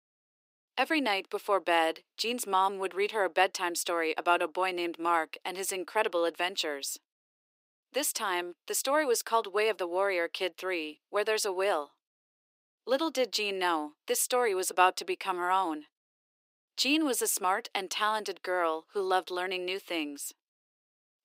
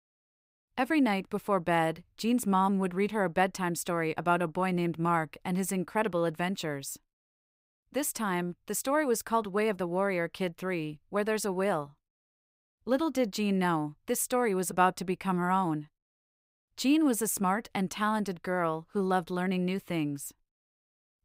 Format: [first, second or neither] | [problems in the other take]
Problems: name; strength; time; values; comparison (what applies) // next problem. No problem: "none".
second | thin; somewhat; fading below 350 Hz